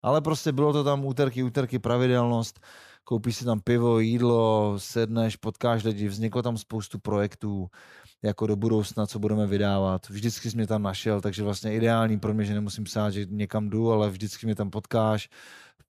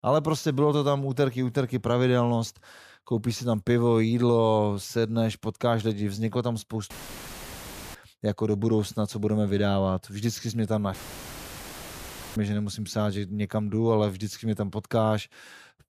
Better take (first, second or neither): first